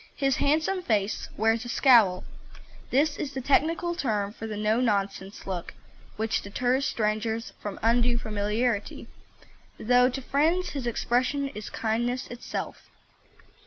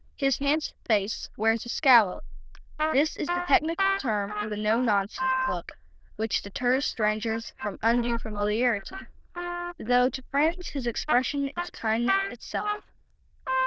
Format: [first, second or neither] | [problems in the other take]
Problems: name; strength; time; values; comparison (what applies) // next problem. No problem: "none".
first | noise reduction (neural diffusion model UNIVERSE++)